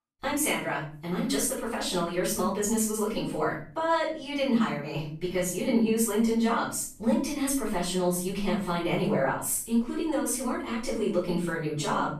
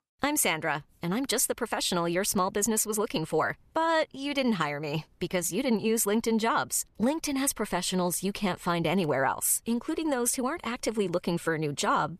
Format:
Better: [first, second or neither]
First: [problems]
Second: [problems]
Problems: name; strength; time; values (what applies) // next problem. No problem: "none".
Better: second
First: room echo; noticeable; dies away in 0.5 s // off-mic speech; far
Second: none